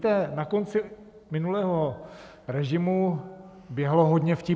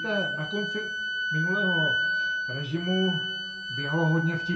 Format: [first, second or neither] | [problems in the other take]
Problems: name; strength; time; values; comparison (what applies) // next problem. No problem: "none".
first | background sound (Wind instrument, woodwind instrument); as loud as the speech // room echo; dies away in 0.3 s